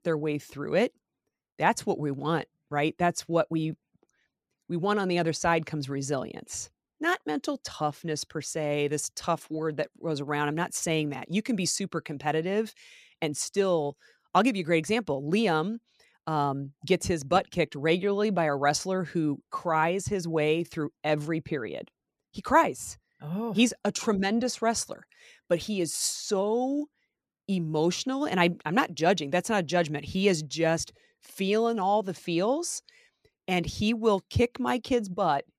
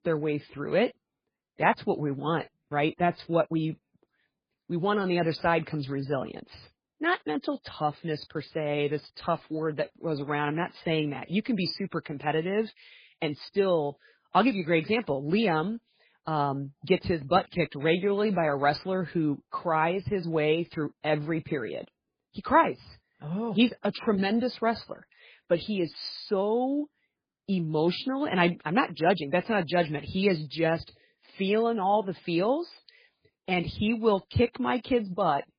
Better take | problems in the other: first | garbled, watery; badly; nothing above 5 kHz

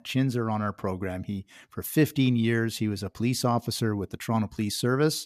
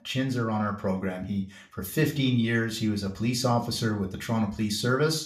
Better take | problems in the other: first | room echo; very slight; dies away in 0.4 s // off-mic speech; somewhat distant

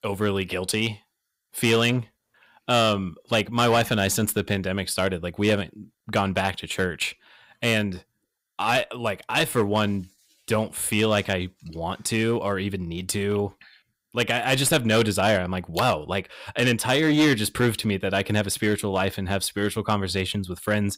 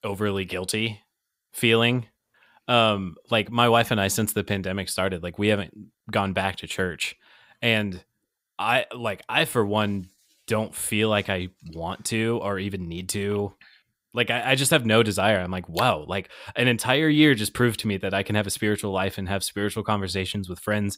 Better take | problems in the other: second | distortion; slight; 5% of the sound clipped

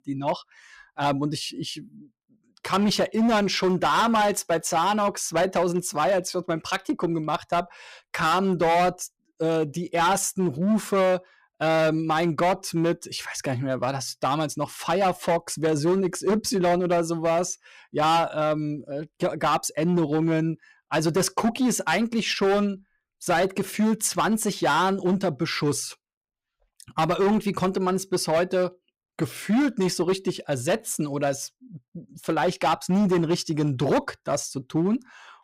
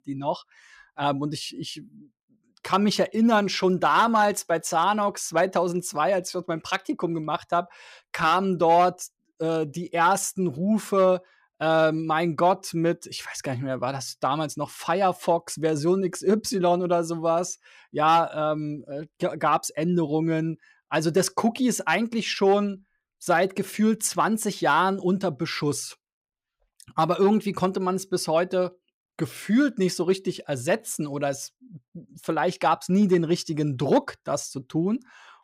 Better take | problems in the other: second | distortion; slight; 10% of the sound clipped

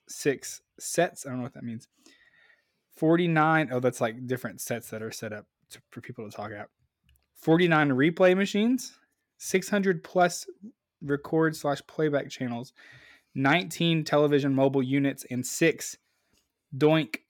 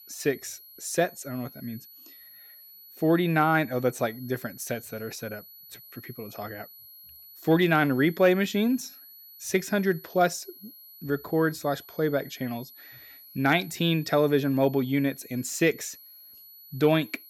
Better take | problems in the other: first | high-pitched whine; faint; throughout; 12 kHz, 20 dB below the speech

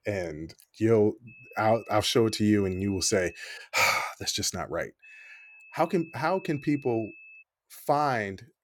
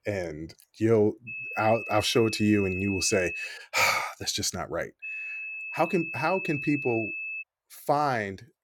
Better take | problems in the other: first | high-pitched whine; loud; from 1.5 to 3.5 s and from 5 to 7.5 s; 2.5 kHz, 7 dB below the speech; faint in the first

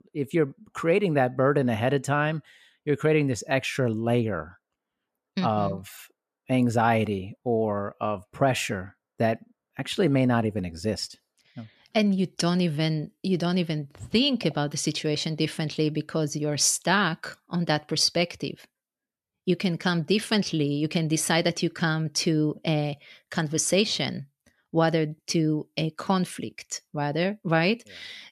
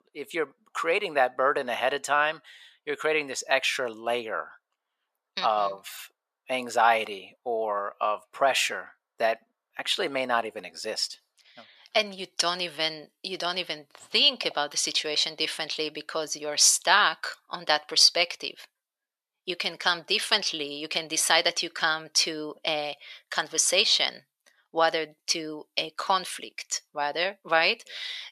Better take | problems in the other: first | thin; very; fading below 750 Hz

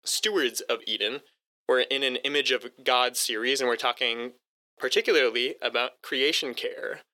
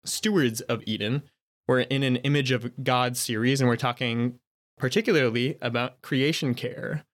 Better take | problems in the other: second | thin; very; fading below 400 Hz

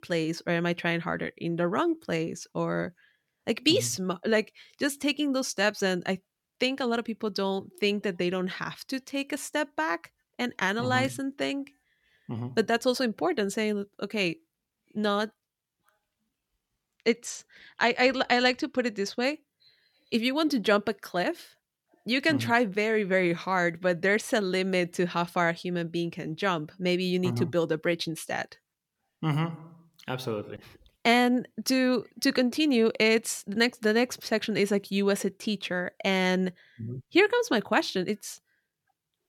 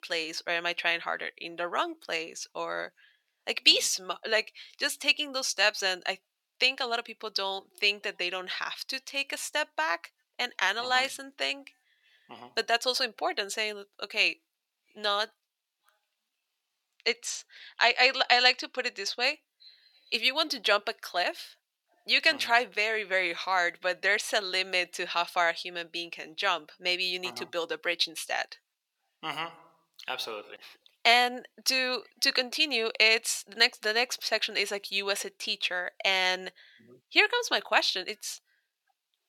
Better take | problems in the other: first | thin; very; fading below 650 Hz

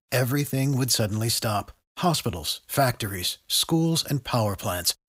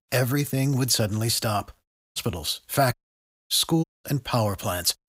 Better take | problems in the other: first | audio cutting out; at 2 s, at 3 s for 0.5 s and at 4 s

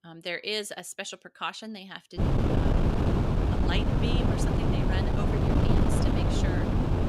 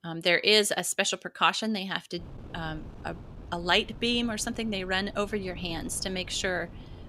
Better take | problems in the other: second | wind noise on the microphone; heavy; from 2 s on; 4 dB above the speech; occasional gusts in the second

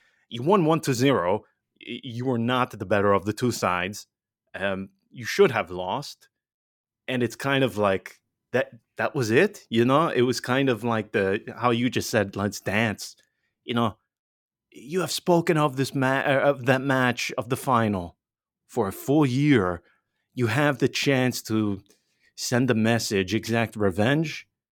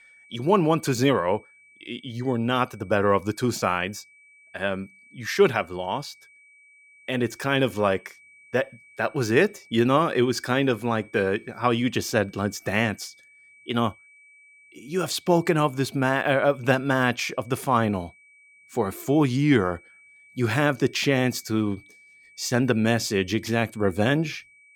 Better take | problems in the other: first | high-pitched whine; faint; throughout; 2.5 kHz, 25 dB below the speech

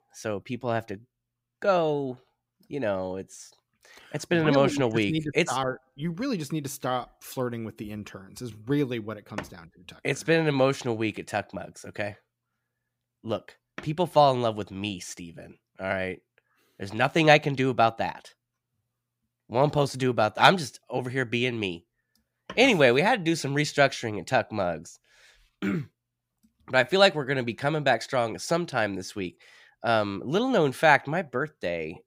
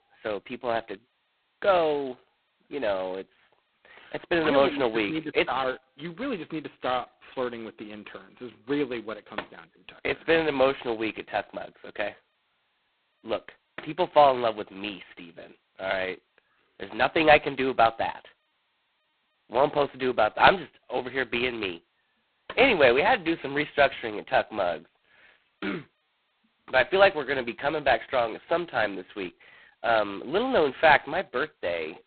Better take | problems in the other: first | phone-call audio; poor line; nothing above 4 kHz

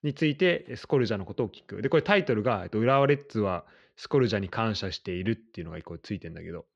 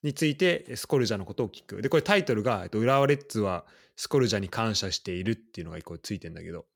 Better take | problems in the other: second | muffled; slightly; fading above 3.5 kHz

